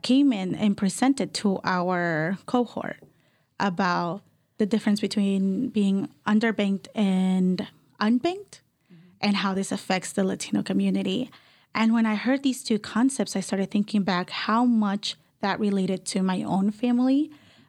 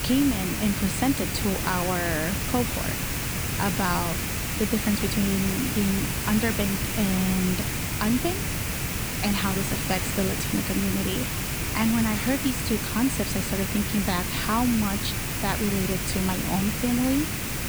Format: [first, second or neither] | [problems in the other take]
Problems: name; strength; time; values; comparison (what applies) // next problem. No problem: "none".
first | hiss; loud; throughout; as loud as the speech